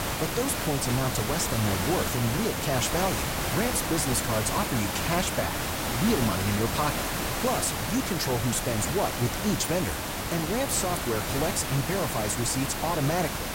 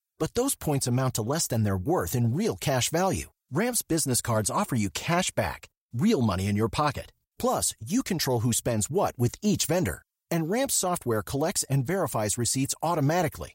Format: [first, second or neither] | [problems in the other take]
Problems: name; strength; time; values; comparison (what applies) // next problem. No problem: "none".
second | hiss; loud; throughout; 1 dB below the speech